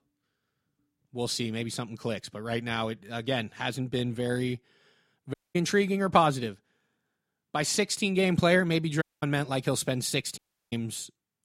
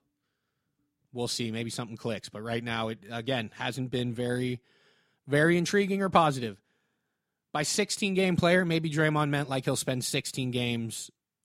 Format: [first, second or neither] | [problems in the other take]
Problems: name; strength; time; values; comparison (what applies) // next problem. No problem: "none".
second | audio cutting out; at 5.5 s, at 9 s and at 10 s